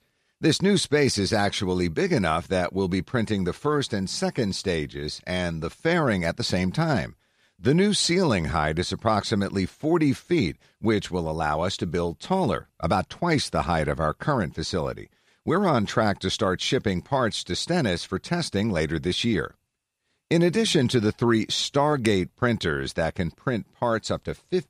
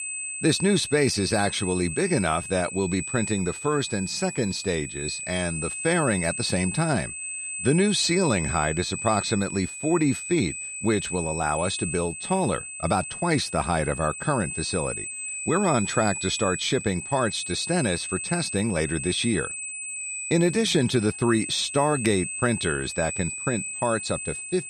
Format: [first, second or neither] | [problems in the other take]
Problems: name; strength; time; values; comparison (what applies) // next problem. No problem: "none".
first | high-pitched whine; loud; throughout; 8 kHz, 6 dB below the speech